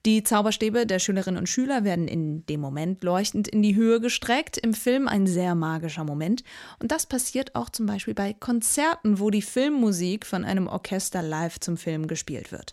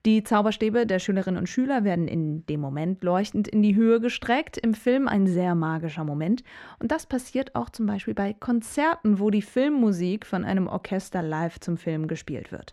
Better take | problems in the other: first | muffled; slightly; fading above 4 kHz

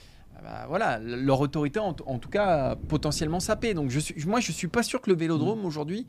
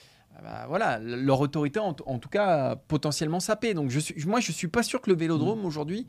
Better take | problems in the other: second | rain or running water; noticeable; until 5 s; 20 dB below the speech

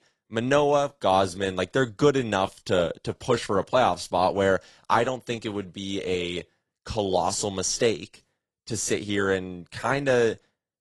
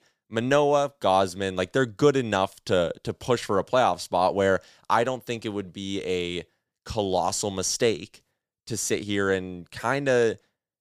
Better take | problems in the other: second | garbled, watery; slightly

